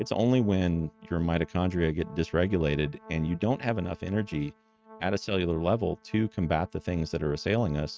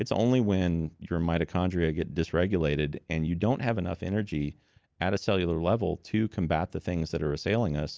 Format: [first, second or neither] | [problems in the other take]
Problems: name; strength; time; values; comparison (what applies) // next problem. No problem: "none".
second | noise reduction (neural mask model RNNoise)